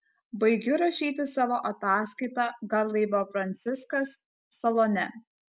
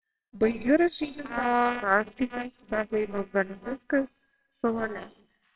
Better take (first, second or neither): first